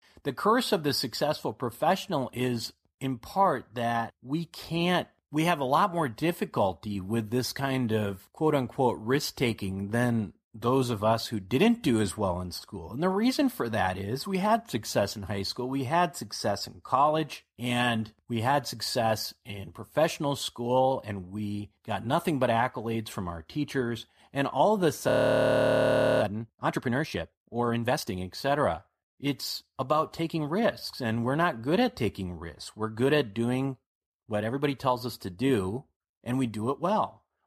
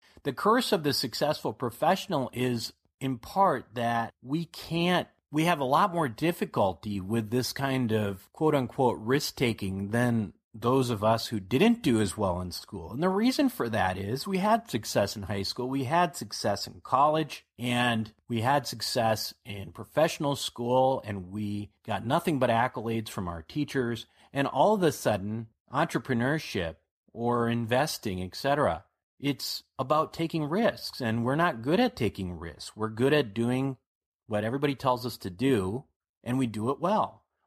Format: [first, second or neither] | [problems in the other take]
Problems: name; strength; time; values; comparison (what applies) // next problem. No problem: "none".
second | audio freezing; at 25 s for 1 s